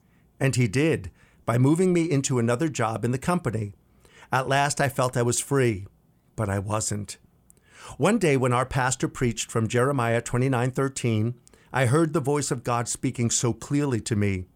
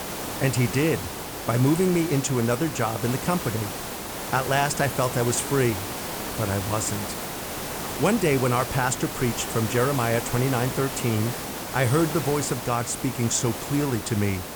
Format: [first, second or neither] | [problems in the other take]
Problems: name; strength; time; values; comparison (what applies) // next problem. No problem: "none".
first | hiss; loud; throughout; 6 dB below the speech